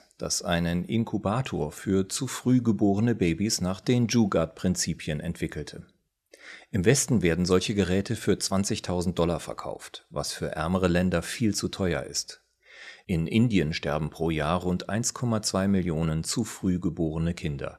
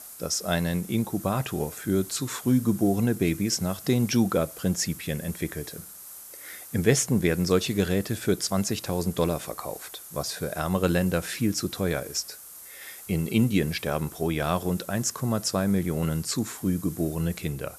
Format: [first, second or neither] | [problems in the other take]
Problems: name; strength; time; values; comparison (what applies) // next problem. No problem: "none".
first | hiss; noticeable; throughout; 15 dB below the speech